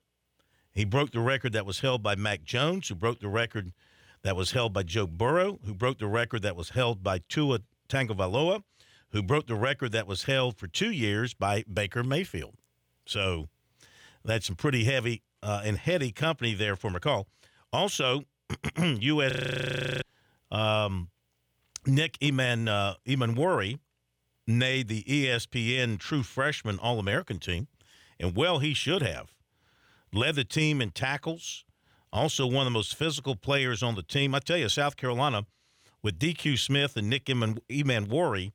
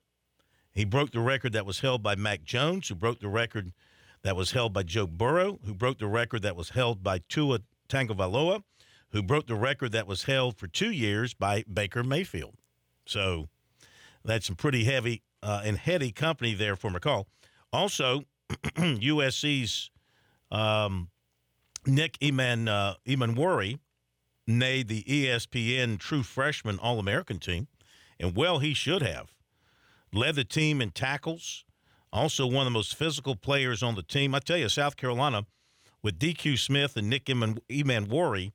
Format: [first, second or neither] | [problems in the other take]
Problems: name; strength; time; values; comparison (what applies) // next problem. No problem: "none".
second | audio freezing; at 19 s for 0.5 s